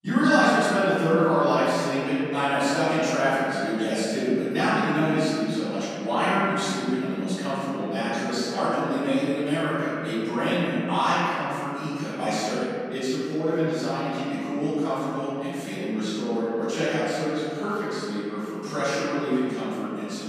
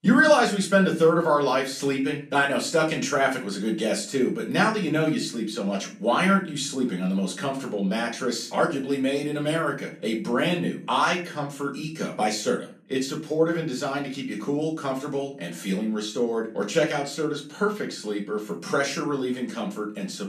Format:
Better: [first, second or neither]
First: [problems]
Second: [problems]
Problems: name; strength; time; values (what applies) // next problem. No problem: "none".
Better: second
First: room echo; strong; dies away in 2.5 s // off-mic speech; far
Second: room echo; slight; dies away in 0.4 s // off-mic speech; far